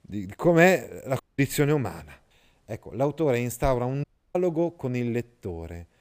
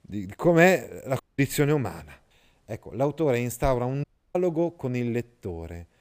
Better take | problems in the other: neither | audio cutting out; at 1 s and at 4 s; the same in both

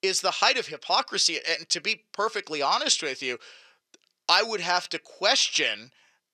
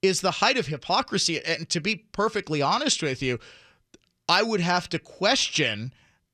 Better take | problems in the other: second | thin; somewhat; fading below 450 Hz

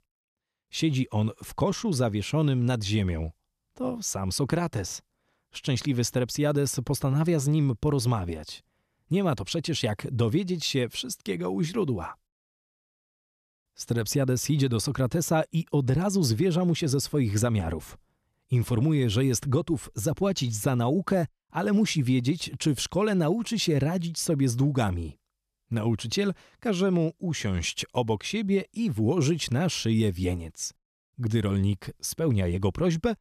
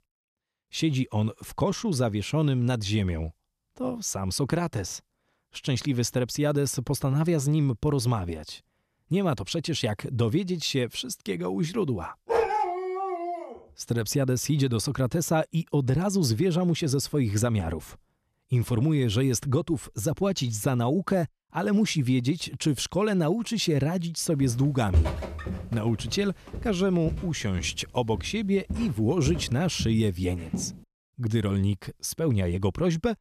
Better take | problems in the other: first | dog barking; loud; from 12 to 13 s; peak 2 dB above the speech // footsteps; loud; from 24 to 31 s; peak 1 dB above the speech

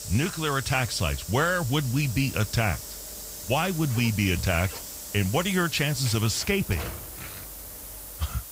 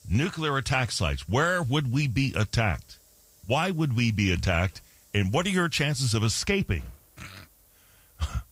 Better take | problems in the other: second | hiss; loud; throughout; 10 dB below the speech; faint in the second

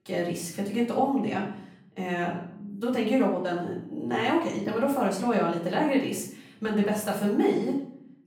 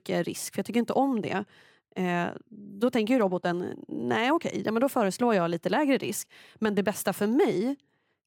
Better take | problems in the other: second | off-mic speech; far // room echo; noticeable; dies away in 0.5 s

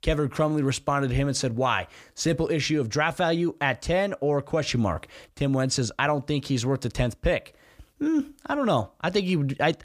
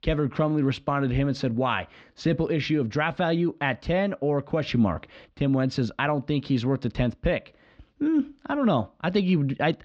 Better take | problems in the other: first | muffled; slightly; fading above 4 kHz

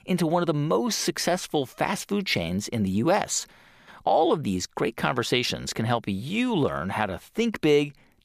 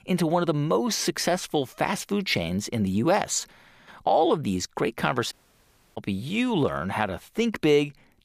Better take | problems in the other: first | audio cutting out; at 5.5 s for 0.5 s

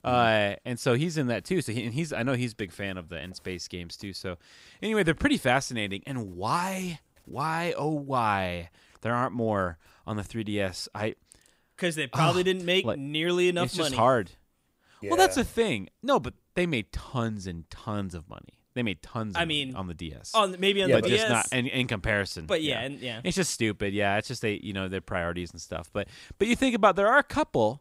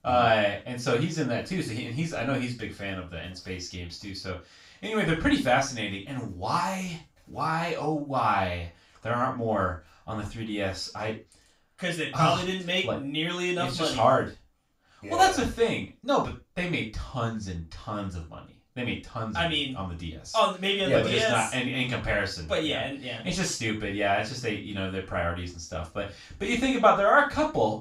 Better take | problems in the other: first | room echo; slight; dies away in 0.3 s // off-mic speech; far

